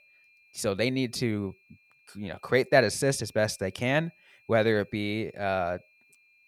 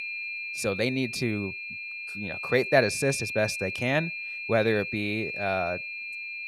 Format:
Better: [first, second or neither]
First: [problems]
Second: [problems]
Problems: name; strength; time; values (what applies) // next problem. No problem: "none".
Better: first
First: high-pitched whine; faint; throughout; 2.5 kHz, 30 dB below the speech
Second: high-pitched whine; loud; throughout; 2.5 kHz, 5 dB below the speech